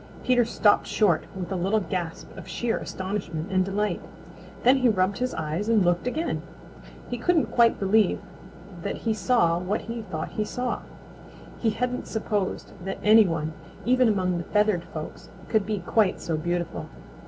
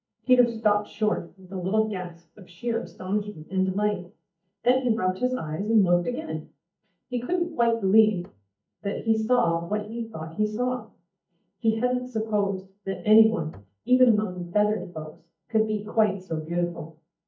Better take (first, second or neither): first